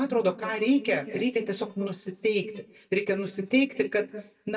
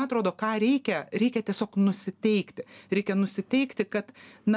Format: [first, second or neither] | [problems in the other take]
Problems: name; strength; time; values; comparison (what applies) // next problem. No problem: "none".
second | noise reduction (neural mask model DeepFilterNet 3)